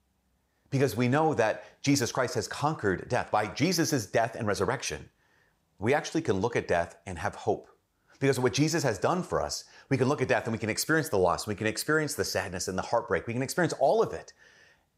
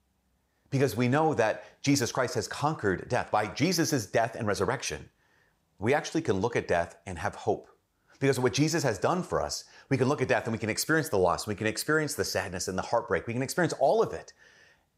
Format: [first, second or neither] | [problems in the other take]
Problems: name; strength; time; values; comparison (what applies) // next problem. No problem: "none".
neither | none